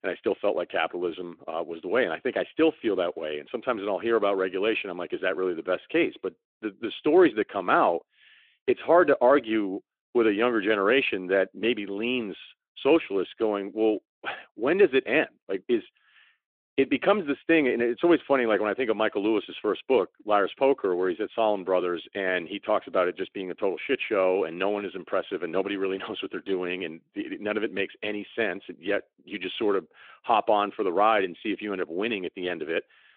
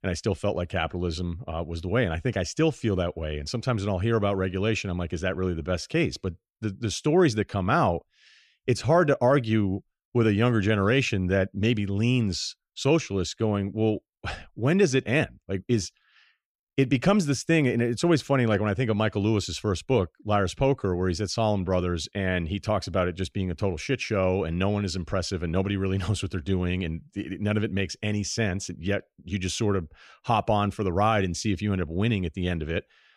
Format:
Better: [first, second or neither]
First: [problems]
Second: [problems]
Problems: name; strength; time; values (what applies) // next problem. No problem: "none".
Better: second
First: phone-call audio; nothing above 3.5 kHz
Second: none